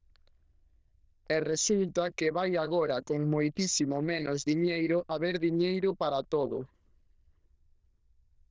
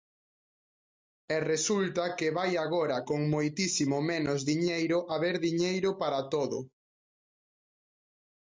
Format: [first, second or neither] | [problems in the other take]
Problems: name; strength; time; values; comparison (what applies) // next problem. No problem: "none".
second | noise reduction (neural diffusion model UNIVERSE++)